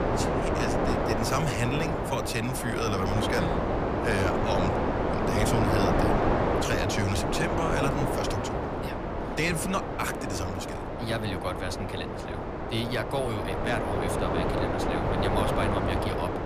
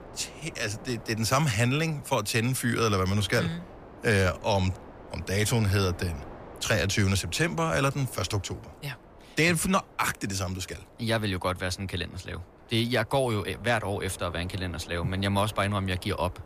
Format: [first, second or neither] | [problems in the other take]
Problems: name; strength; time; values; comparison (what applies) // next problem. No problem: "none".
second | wind noise on the microphone; heavy; 3 dB above the speech; occasional gusts in the second